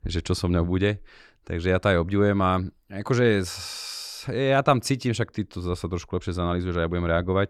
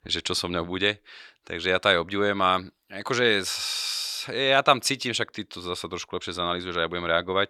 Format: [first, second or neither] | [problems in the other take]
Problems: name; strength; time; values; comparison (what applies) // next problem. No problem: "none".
first | thin; somewhat; fading below 800 Hz